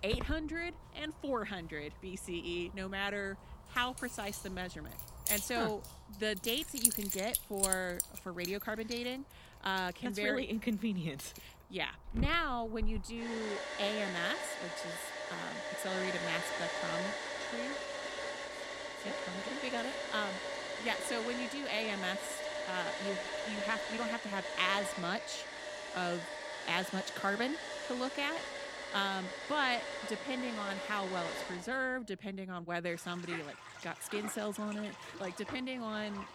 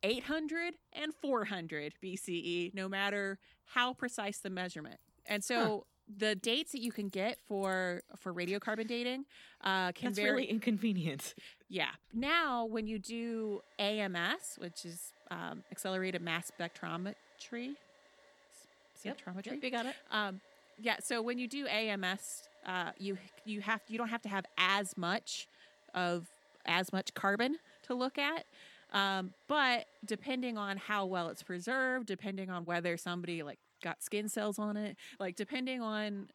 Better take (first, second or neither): second